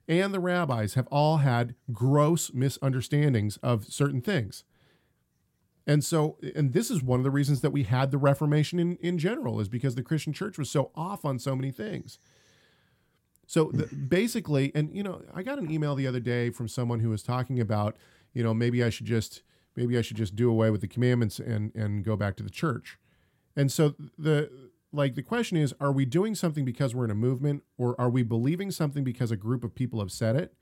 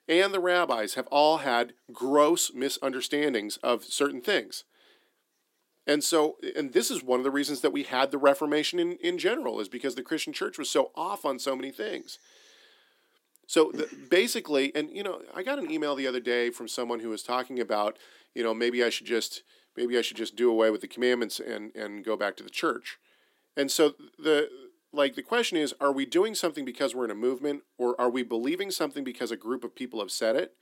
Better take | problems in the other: first | thin; somewhat; fading below 300 Hz

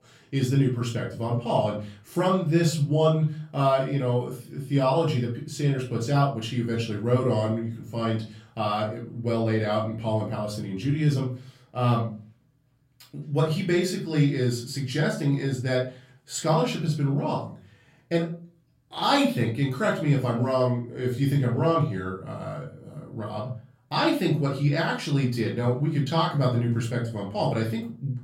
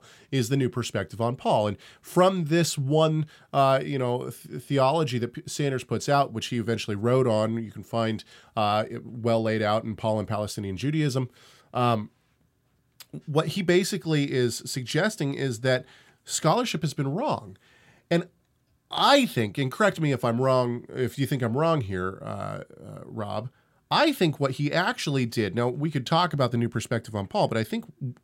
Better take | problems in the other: second | off-mic speech; far // room echo; slight; dies away in 0.3 s

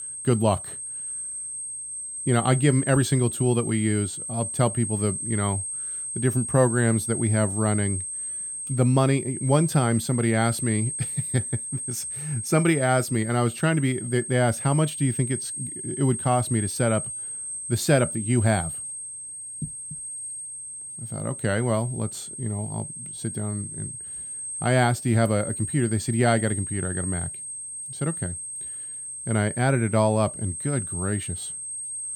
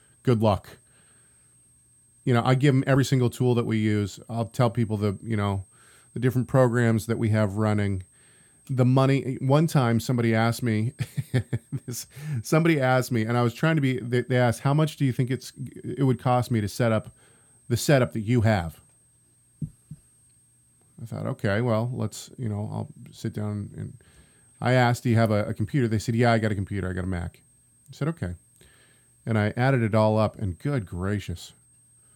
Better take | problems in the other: second | high-pitched whine; loud; throughout; 8.5 kHz, 6 dB below the speech; faint in the second

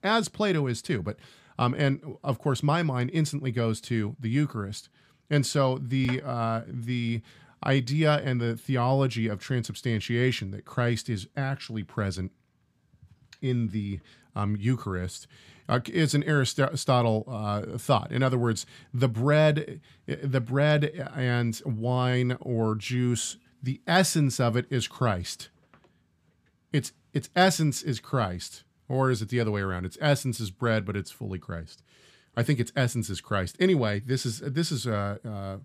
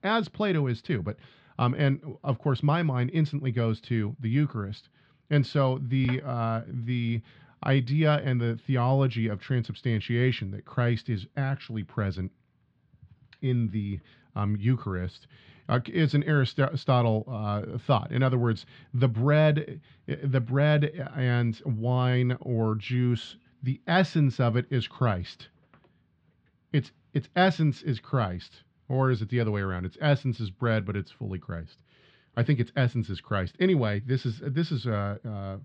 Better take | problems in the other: first | muffled; slightly; fading above 4 kHz

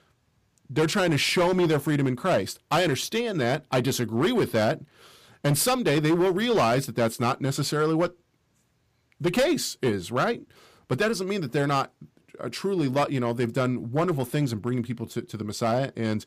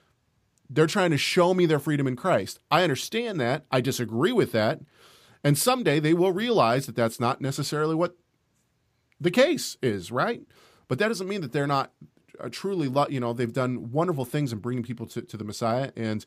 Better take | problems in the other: second | distortion; slight; 8% of the sound clipped

